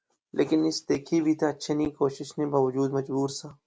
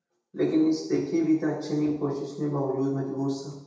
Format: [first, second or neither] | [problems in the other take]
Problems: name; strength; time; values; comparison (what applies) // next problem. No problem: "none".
first | room echo; dies away in 0.9 s